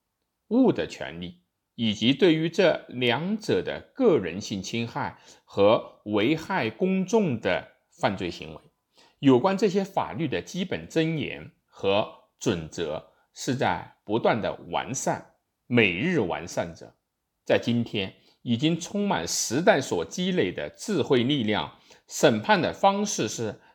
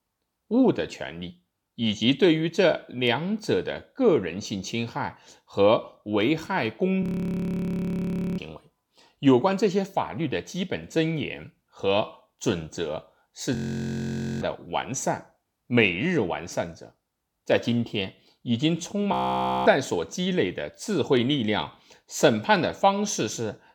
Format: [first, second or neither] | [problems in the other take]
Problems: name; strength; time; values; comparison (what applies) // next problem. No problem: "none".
first | audio freezing; at 7 s for 1.5 s, at 14 s for 1 s and at 19 s for 0.5 s